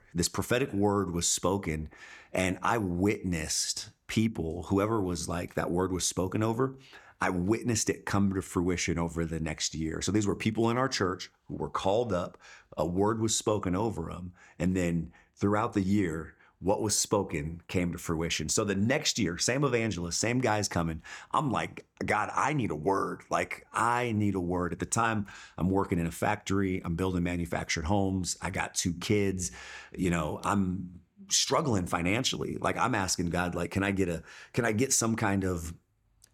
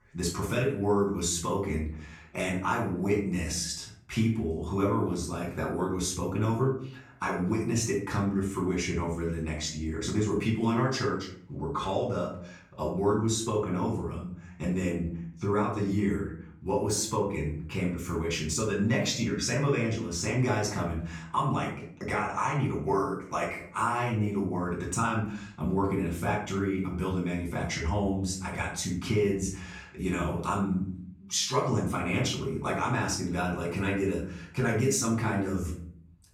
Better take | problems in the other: first | off-mic speech; far // room echo; slight; dies away in 0.6 s

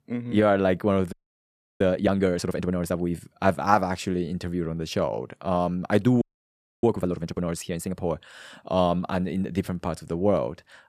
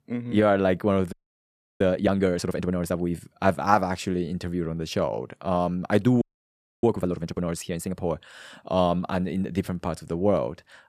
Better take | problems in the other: neither | audio freezing; at 1 s for 0.5 s and at 6 s for 0.5 s; the same in both

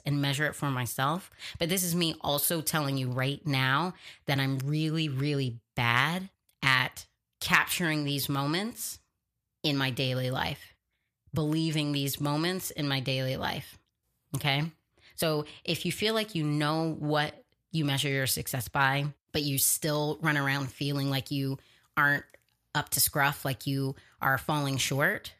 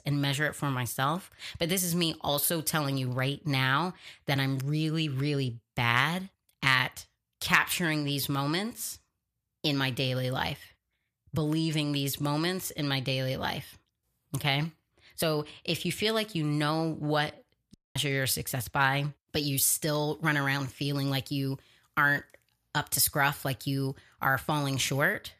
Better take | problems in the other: first | audio cutting out; at 18 s

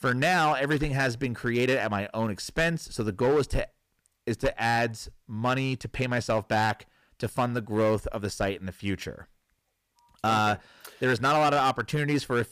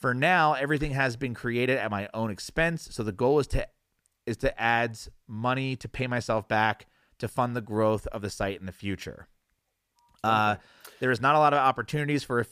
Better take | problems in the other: second | distortion; slight; 6% of the sound clipped

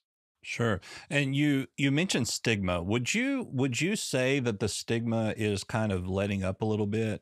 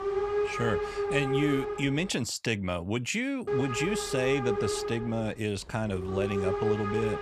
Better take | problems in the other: first | hiss; loud; until 2 s and from 3.5 s on; 1 dB below the speech

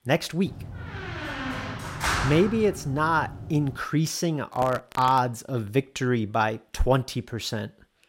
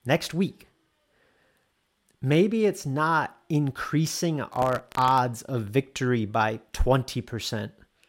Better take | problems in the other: second | door banging; loud; until 4 s; peak level with the speech

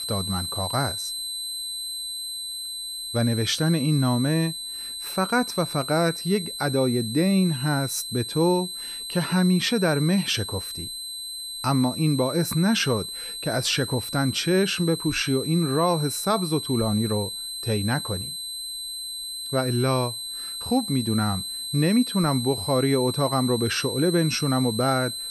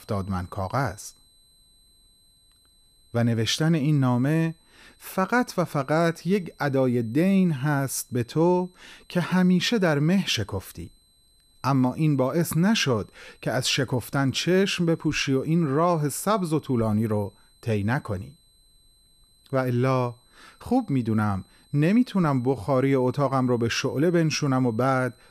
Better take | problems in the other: second | high-pitched whine; loud; throughout; 4 kHz, 6 dB below the speech; faint in the second

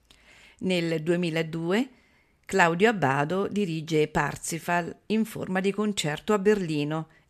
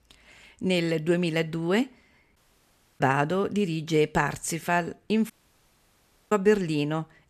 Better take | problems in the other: first | audio cutting out; at 2.5 s for 0.5 s and at 5.5 s for 1 s

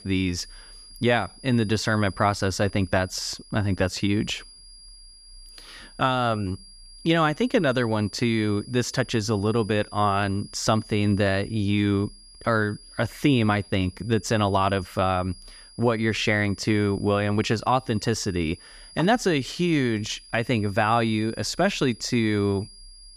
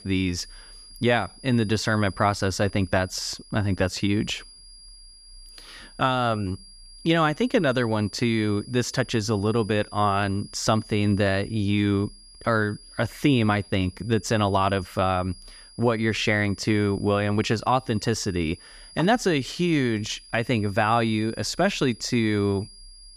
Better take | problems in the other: neither | high-pitched whine; faint; throughout; 5 kHz, 20 dB below the speech; the same in both

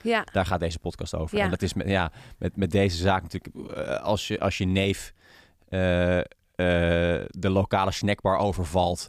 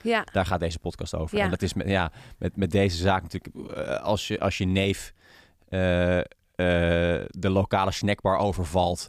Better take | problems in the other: neither | none

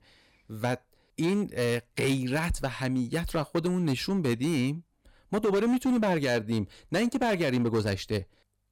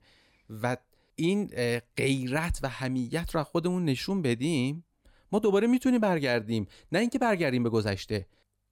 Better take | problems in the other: second | distortion; slight; 9% of the sound clipped

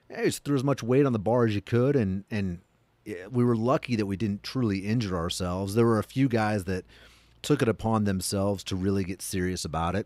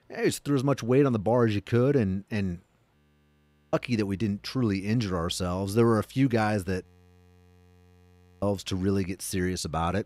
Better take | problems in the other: first | audio freezing; at 3 s for 1 s and at 7 s for 1.5 s

